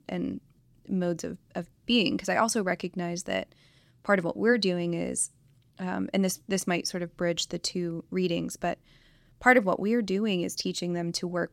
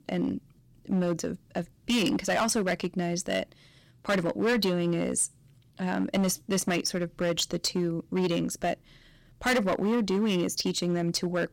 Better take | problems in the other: first | distortion; heavy; 10% of the sound clipped

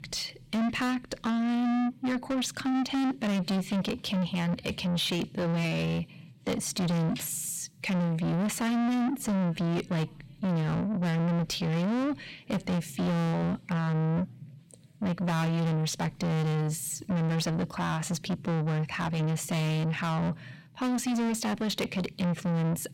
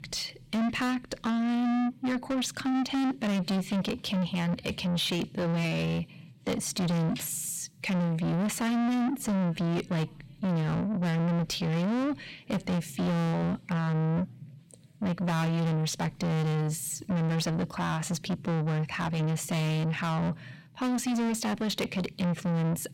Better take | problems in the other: neither | distortion; heavy; 7 dB below the speech; the same in both

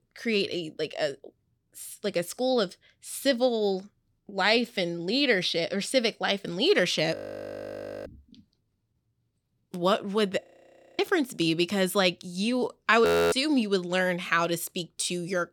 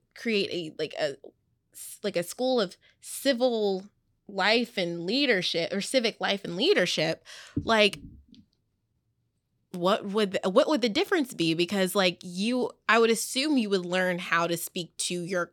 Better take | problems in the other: second | audio freezing; at 7 s for 1 s, at 10 s for 0.5 s and at 13 s

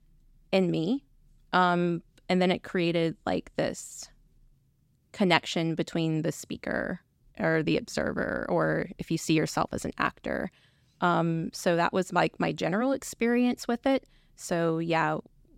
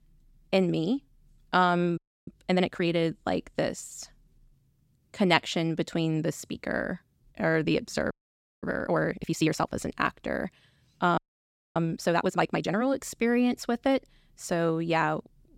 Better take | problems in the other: first | audio freezing; at 2 s, at 8 s for 0.5 s and at 11 s for 0.5 s

